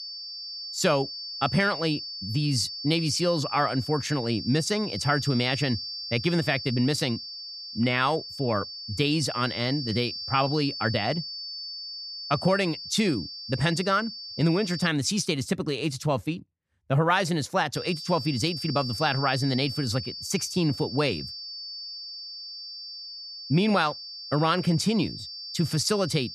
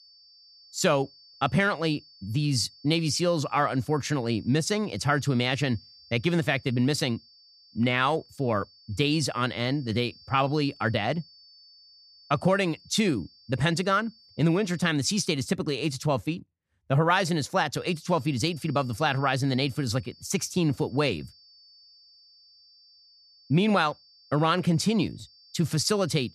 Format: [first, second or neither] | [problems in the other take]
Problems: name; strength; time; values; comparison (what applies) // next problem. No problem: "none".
second | high-pitched whine; loud; until 15 s and from 18 s on; 4.5 kHz, 8 dB below the speech; faint in the second